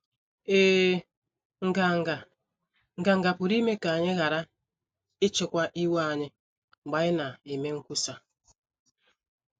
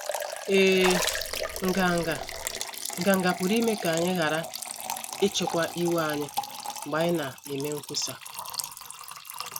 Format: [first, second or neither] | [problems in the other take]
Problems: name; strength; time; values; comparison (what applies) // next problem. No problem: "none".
first | background sound (Water / Splash, splatter + Liquid); 6 dB below the speech